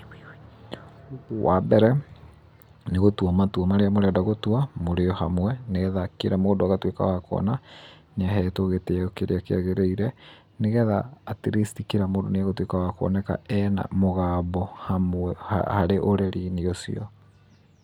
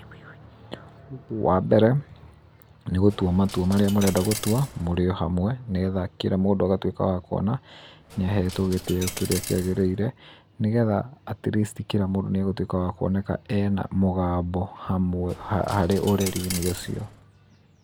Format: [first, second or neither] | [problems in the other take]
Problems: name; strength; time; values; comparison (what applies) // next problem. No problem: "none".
first | background sound (Coin (dropping)); 12 dB below the speech